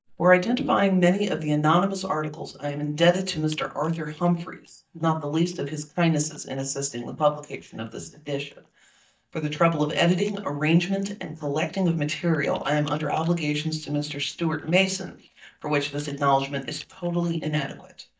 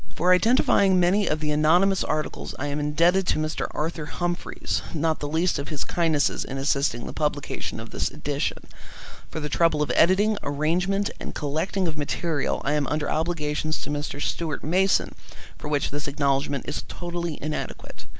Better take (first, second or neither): second